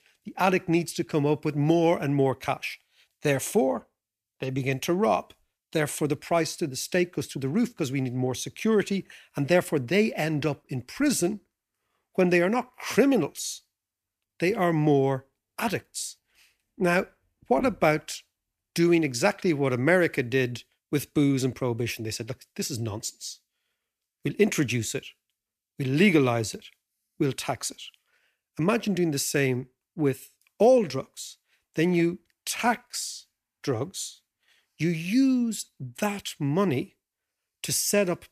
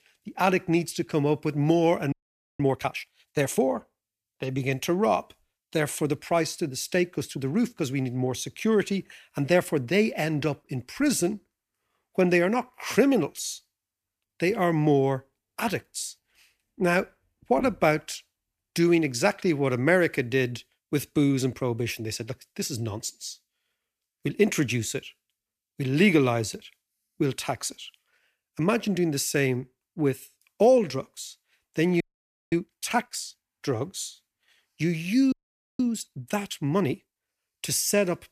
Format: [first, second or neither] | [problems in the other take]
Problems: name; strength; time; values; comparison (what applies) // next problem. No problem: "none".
first | audio freezing; at 2 s, at 32 s for 0.5 s and at 35 s